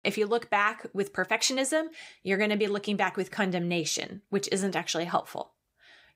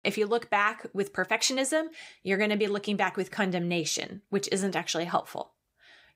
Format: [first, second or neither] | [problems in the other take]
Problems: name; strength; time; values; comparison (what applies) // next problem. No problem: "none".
neither | none